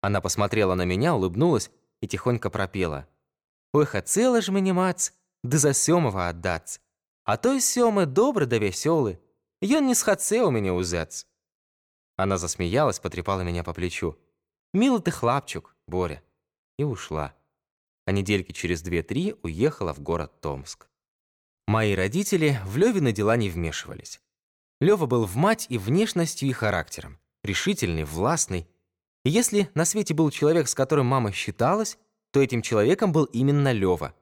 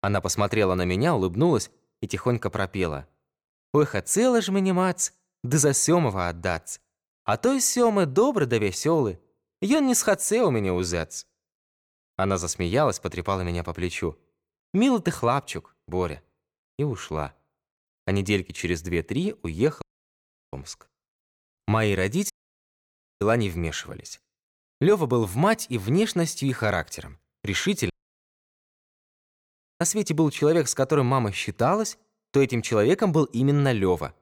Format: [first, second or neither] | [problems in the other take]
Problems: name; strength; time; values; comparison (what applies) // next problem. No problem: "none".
first | audio cutting out; at 20 s for 0.5 s, at 22 s for 1 s and at 28 s for 2 s